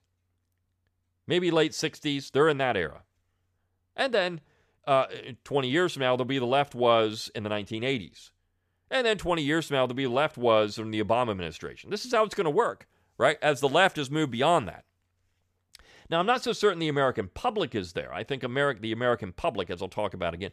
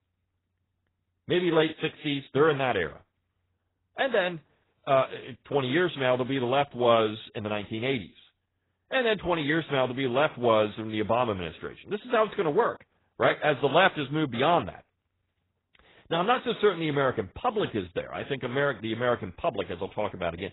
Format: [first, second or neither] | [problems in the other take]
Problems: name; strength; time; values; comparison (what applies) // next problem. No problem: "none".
first | garbled, watery; badly; nothing above 4 kHz